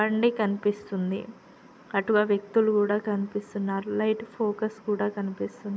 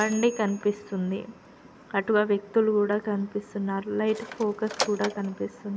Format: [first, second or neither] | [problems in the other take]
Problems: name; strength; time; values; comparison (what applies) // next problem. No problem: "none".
first | background sound (Mechanisms); 14 dB below the speech